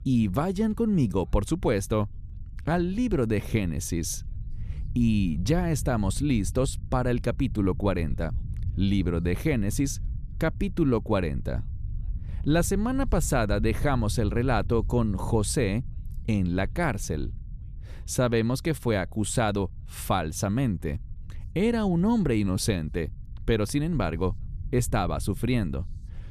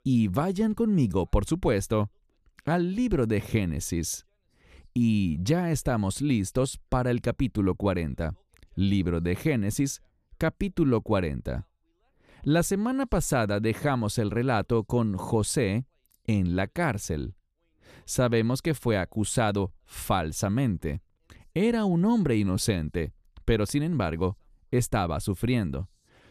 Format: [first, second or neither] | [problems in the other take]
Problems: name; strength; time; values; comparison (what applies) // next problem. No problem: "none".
second | low rumble; faint; throughout; 25 dB below the speech